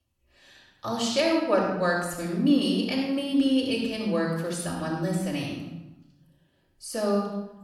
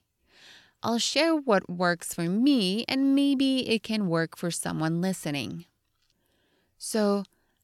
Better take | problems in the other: second | off-mic speech; far // room echo; noticeable; dies away in 0.9 s

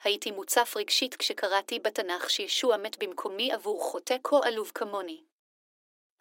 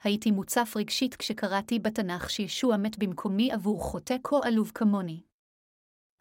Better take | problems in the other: second | thin; very; fading below 300 Hz

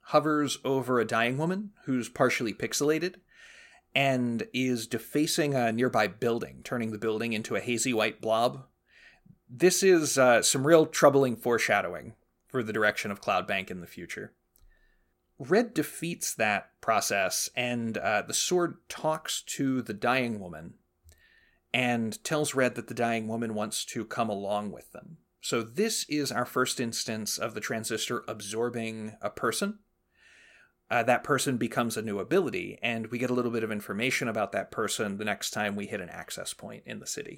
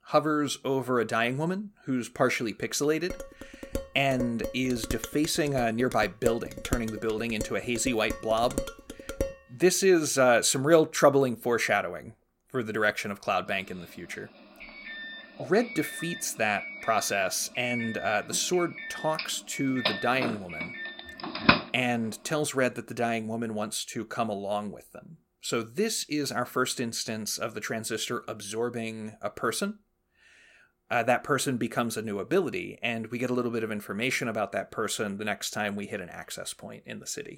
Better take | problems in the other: first | clattering dishes; noticeable; from 3 to 9.5 s; peak 6 dB below the speech // doorbell; loud; from 19 to 22 s; peak 5 dB above the speech

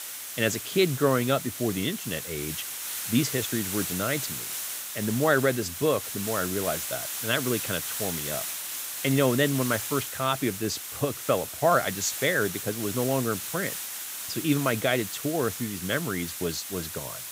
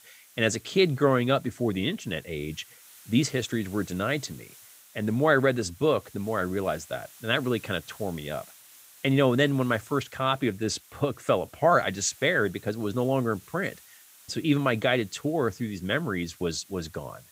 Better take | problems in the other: second | hiss; loud; throughout; 4 dB below the speech; faint in the second

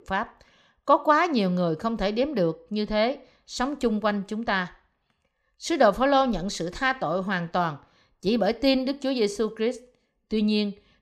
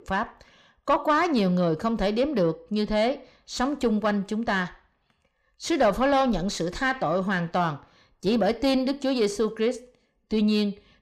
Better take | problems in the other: first | distortion; slight; 10 dB below the speech

